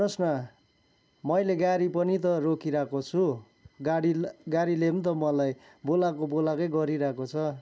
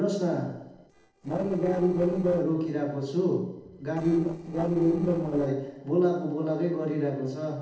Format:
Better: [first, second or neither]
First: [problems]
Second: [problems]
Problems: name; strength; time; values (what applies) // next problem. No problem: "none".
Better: first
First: none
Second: noise reduction (neural separator model SepFormer DNS4)